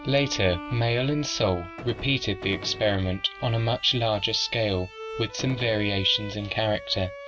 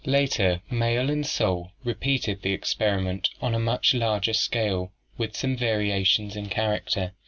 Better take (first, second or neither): second